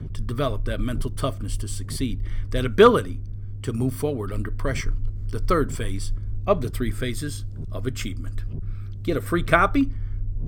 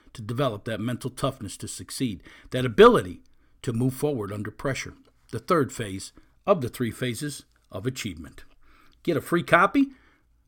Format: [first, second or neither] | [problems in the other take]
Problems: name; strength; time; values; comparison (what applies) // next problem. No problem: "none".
second | low rumble; faint; throughout; 25 dB below the speech